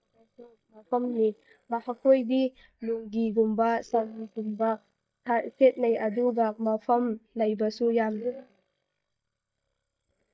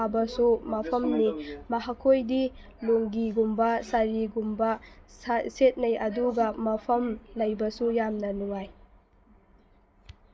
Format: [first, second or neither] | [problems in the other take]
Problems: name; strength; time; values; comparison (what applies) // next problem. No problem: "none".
second | noise reduction (neural mask model DeepFilterNet 3)